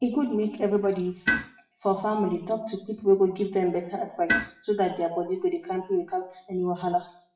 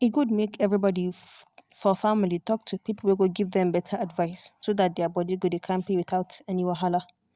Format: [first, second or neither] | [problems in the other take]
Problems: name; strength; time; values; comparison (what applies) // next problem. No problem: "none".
second | noise reduction (classical method WPE with log-MMSE)